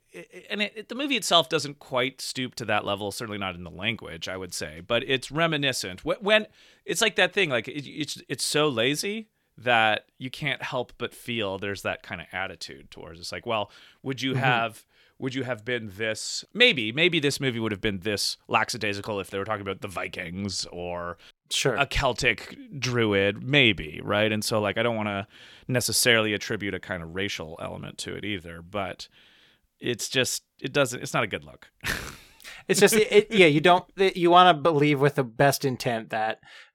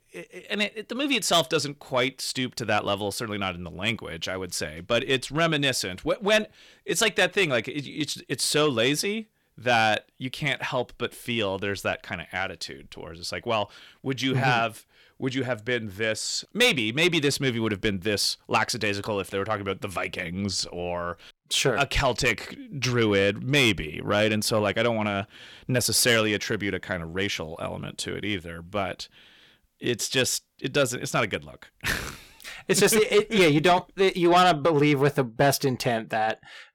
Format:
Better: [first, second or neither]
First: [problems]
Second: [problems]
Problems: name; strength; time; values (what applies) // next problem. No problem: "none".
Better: first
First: none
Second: distortion; slight; 10 dB below the speech